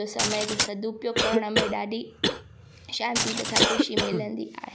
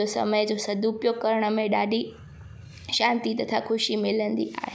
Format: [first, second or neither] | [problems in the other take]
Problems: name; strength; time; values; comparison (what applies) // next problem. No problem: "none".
second | background sound (Cough + Glass); 4 dB above the speech